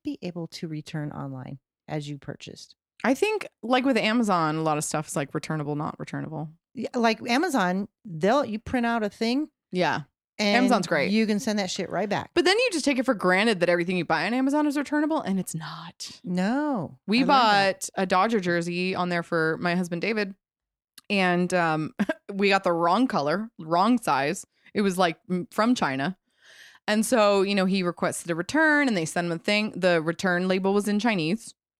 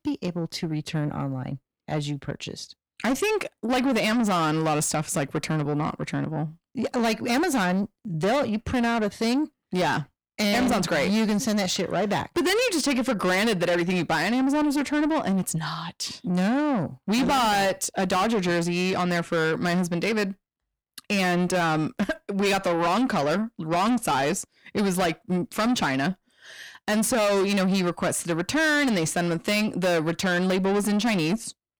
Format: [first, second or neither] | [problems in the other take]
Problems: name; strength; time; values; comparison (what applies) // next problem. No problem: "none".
first | distortion; heavy; 7 dB below the speech